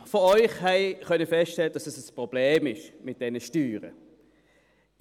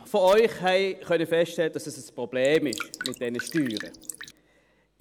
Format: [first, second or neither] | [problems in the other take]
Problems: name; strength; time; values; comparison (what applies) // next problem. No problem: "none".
first | background sound (Drip); 12 dB below the speech